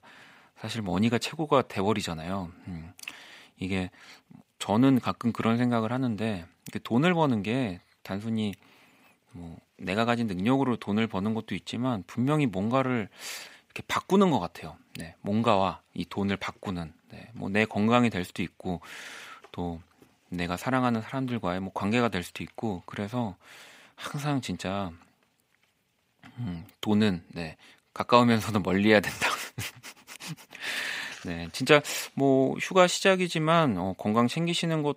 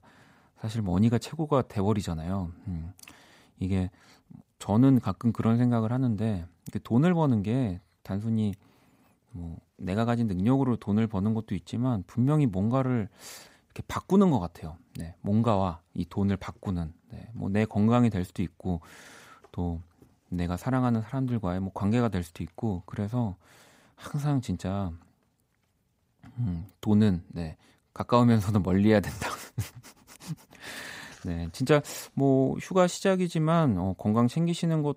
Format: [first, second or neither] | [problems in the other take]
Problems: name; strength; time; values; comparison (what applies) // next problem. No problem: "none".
second | thin; very slightly; fading below 300 Hz